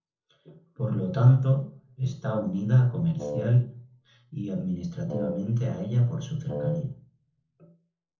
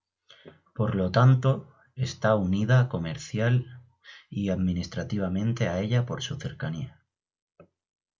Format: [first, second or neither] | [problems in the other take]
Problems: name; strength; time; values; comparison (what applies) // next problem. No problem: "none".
second | noise reduction (neural separator model SepFormer DNS4)